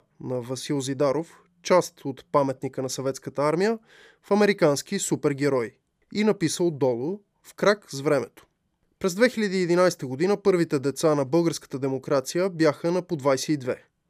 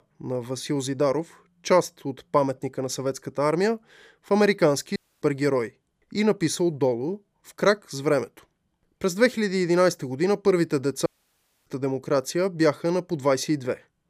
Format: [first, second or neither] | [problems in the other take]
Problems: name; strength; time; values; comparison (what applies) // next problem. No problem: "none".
first | audio cutting out; at 5 s and at 11 s for 0.5 s